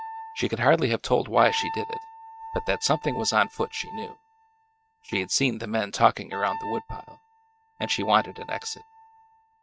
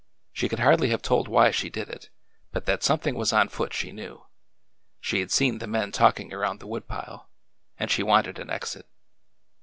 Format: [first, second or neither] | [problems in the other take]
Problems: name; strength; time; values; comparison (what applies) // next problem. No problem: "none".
second | noise reduction (neural mask model RNNoise)